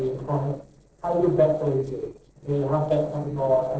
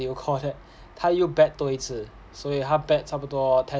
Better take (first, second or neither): second